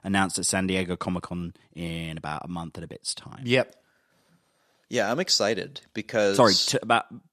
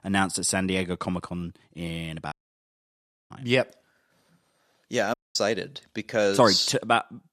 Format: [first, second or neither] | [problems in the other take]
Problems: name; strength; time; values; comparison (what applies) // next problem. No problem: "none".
first | audio cutting out; at 2.5 s for 1 s and at 5 s